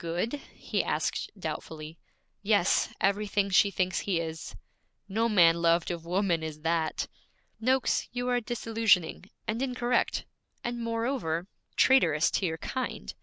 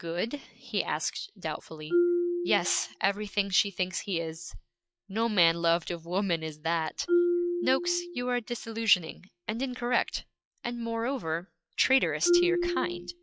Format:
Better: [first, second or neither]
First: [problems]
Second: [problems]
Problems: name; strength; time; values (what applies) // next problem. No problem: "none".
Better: first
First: none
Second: noise reduction (classical method log-MMSE)